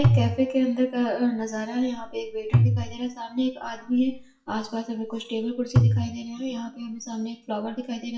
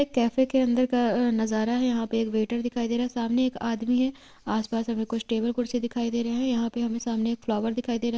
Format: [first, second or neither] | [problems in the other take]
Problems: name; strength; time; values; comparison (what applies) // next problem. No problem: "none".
second | noise reduction (classical method WPE with log-MMSE)